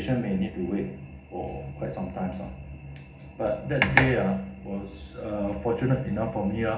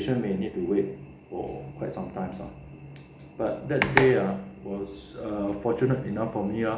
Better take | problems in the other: second | room echo; dies away in 0.4 s

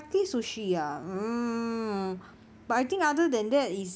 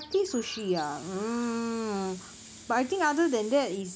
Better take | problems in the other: first | background sound (Chirp, tweet + Hiss); 18 dB below the speech

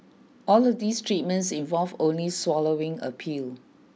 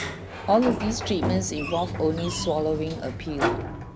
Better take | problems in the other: first | background sound (Sliding door); 4 dB below the speech

